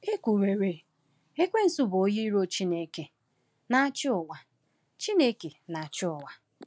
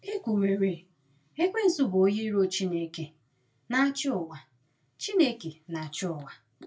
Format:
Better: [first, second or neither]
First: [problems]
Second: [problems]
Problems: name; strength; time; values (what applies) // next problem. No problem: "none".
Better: first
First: none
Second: room echo; dies away in 0.1 s